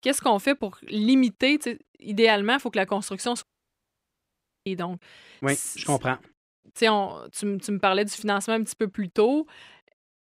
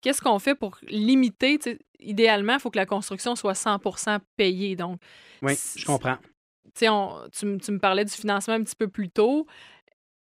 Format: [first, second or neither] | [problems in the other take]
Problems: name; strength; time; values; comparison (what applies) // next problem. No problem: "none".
second | audio cutting out; at 3.5 s for 1 s